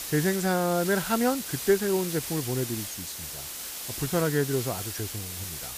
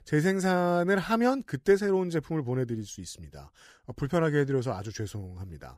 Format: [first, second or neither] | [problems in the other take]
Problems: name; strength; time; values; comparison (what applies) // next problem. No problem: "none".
second | hiss; loud; throughout; 6 dB below the speech